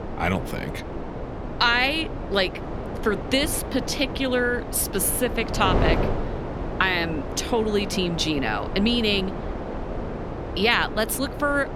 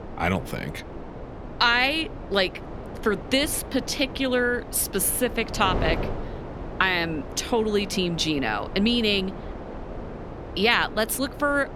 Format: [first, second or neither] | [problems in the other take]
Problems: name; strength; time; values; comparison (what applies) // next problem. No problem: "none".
second | wind noise on the microphone; heavy; 9 dB below the speech; occasional gusts in the second